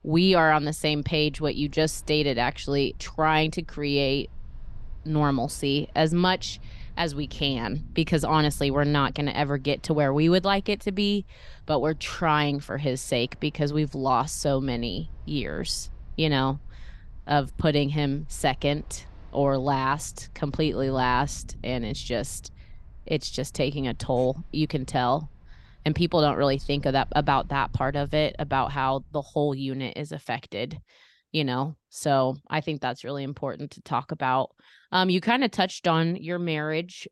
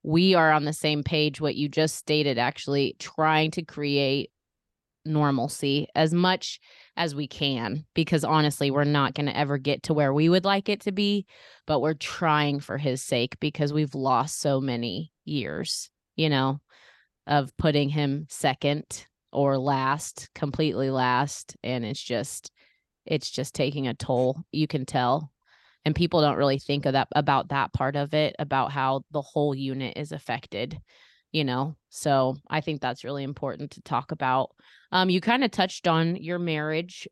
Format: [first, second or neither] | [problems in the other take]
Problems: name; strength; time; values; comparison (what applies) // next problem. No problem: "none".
second | rain or running water; faint; until 29 s; 20 dB below the speech